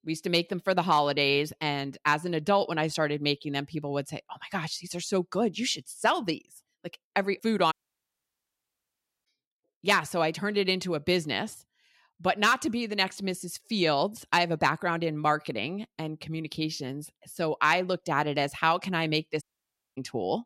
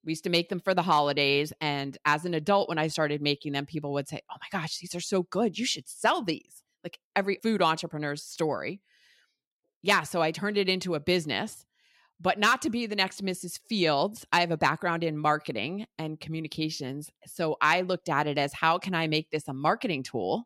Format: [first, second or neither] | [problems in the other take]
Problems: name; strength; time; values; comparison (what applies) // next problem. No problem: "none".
second | audio cutting out; at 7.5 s for 1.5 s and at 19 s for 0.5 s